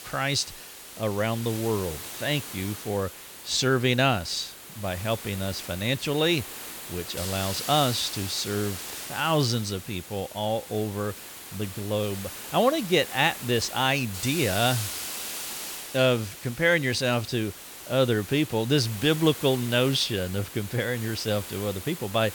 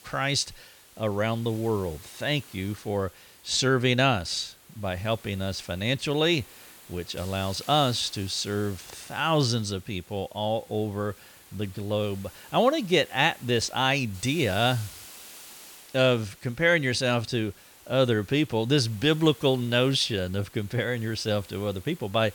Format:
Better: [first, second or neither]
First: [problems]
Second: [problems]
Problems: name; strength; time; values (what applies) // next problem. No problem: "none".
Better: second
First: hiss; loud; throughout; 10 dB below the speech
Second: hiss; faint; throughout; 20 dB below the speech